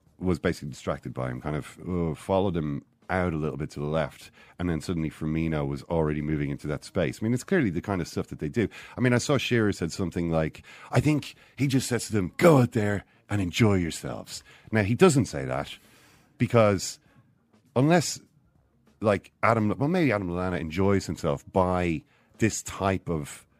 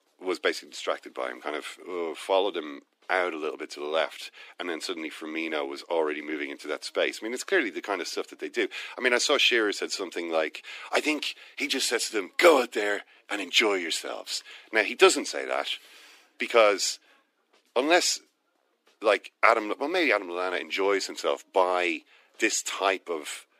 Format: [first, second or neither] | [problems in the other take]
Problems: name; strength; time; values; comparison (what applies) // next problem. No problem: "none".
first | thin; very; fading below 350 Hz